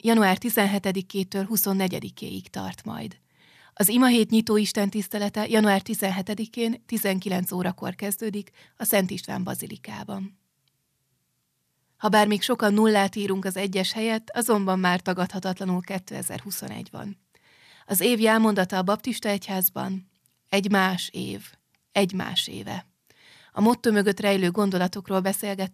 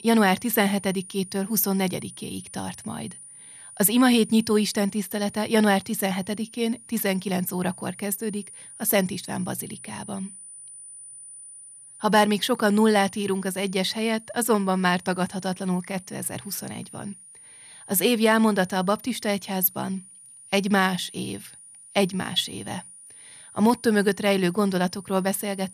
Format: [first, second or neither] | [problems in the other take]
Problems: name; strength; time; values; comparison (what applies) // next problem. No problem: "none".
first | high-pitched whine; noticeable; throughout; 9.5 kHz, 20 dB below the speech